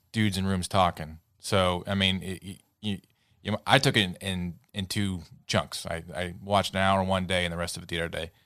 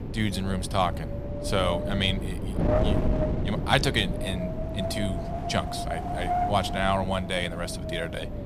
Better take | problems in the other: first | wind noise on the microphone; heavy; 4 dB below the speech

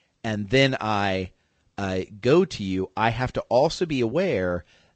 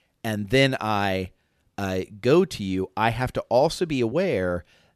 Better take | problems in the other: second | garbled, watery; slightly; nothing above 8 kHz

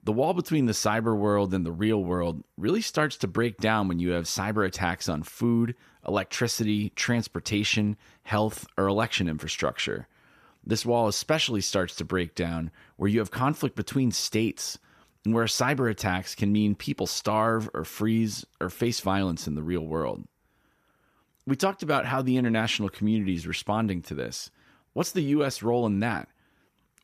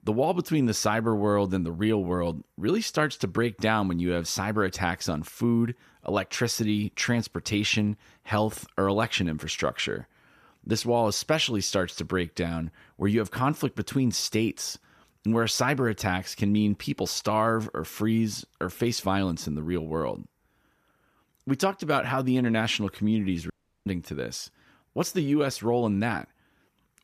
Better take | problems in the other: first | audio cutting out; at 24 s

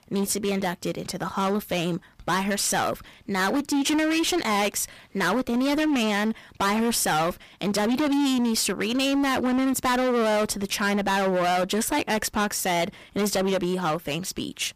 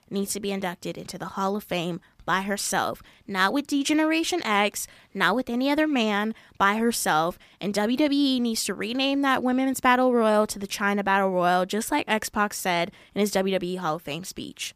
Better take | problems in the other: second | distortion; heavy; 22% of the sound clipped

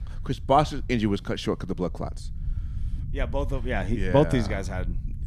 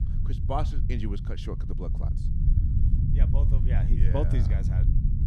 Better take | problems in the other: first | low rumble; loud; throughout; 4 dB below the speech; faint in the first

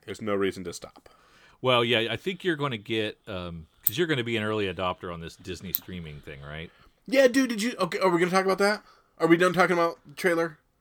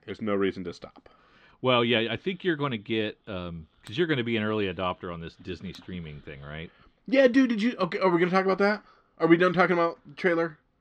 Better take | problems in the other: first | muffled; very slightly; fading above 4 kHz

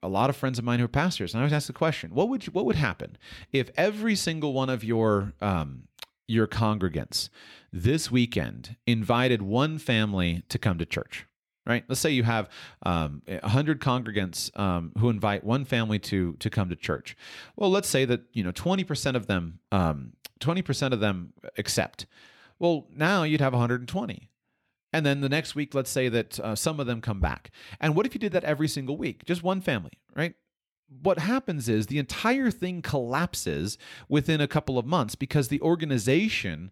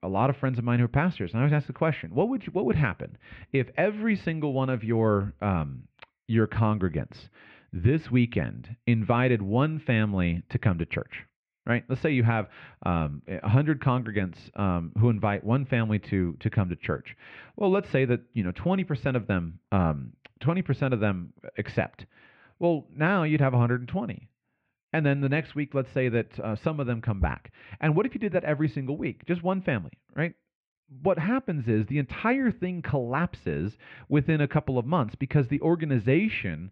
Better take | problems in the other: first | muffled; very; fading above 2.5 kHz

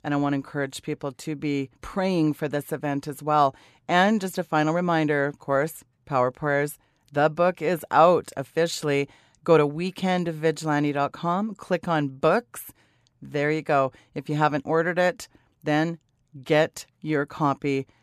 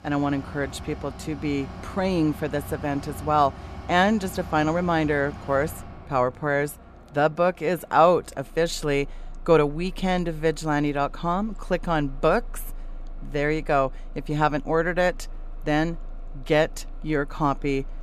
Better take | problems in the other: first | traffic noise; noticeable; throughout; 15 dB below the speech

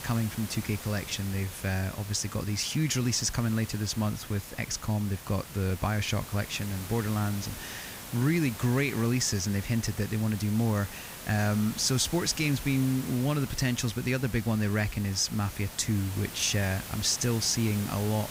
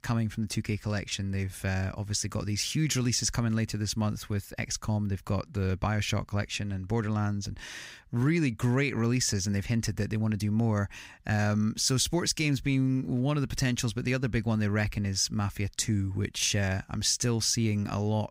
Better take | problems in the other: second | hiss; noticeable; throughout; 10 dB below the speech

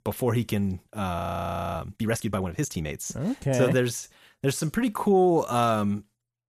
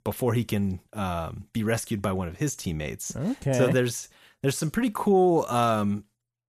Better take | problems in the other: second | audio freezing; at 1 s for 0.5 s

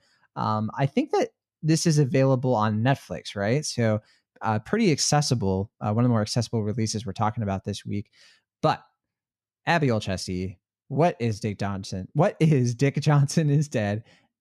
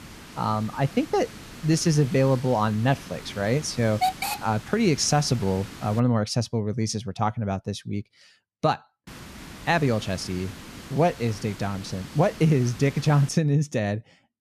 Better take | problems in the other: first | hiss; noticeable; until 6 s and from 9 to 13 s; 10 dB below the speech

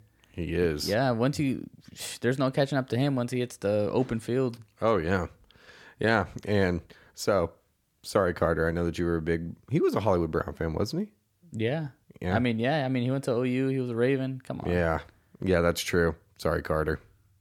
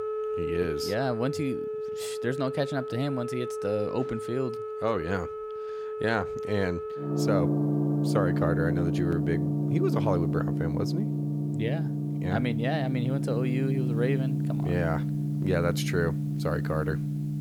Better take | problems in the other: first | background music; very loud; throughout; 1 dB above the speech

